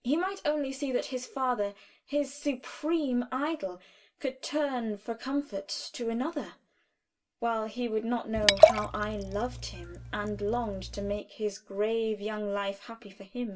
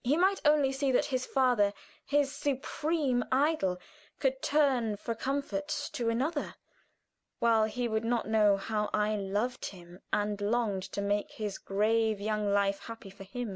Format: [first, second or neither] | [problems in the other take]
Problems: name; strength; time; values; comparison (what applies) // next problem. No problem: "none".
second | background sound (Liquid); 5 dB above the speech // room echo; dies away in 0.2 s